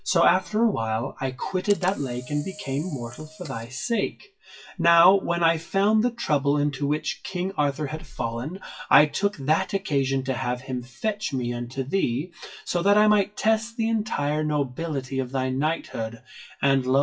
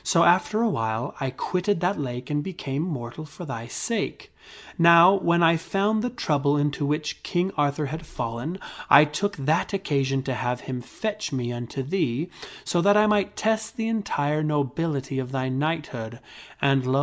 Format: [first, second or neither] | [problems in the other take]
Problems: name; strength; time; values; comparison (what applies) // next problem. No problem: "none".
second | noise reduction (classical method WPE with log-MMSE)